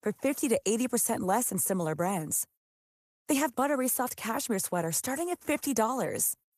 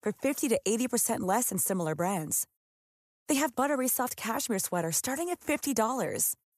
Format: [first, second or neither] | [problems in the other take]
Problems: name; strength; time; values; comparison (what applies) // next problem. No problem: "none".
second | garbled, watery; slightly; nothing above 14.5 kHz